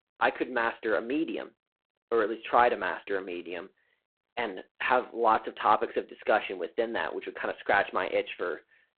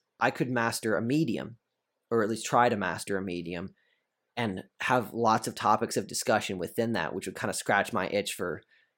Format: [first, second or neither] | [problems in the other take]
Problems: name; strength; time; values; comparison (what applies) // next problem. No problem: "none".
second | phone-call audio; poor line; nothing above 4 kHz